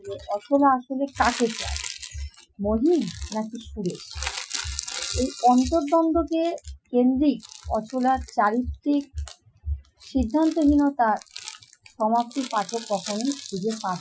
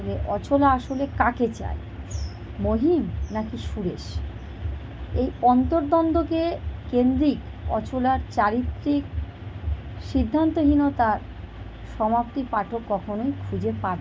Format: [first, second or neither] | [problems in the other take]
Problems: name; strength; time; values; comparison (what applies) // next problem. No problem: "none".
second | noise reduction (classical method Wiener filter)